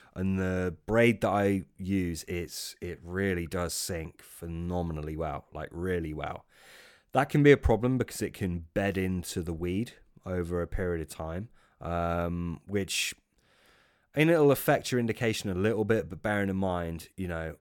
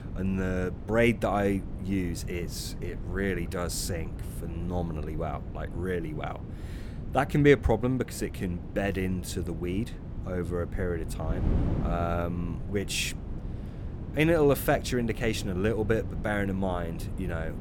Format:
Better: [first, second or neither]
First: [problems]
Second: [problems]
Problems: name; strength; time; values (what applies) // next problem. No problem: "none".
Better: first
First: none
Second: wind noise on the microphone; occasional gusts; 15 dB below the speech